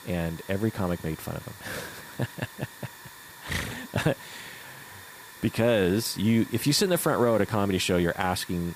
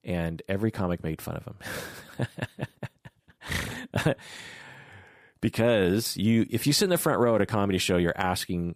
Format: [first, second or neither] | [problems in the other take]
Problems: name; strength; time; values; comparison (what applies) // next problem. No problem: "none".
second | hiss; noticeable; throughout; 15 dB below the speech